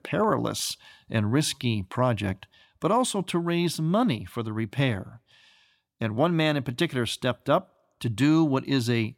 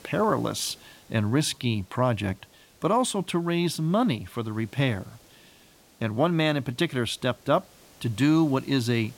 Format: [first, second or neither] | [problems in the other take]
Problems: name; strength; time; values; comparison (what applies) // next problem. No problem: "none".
first | hiss; faint; throughout; 25 dB below the speech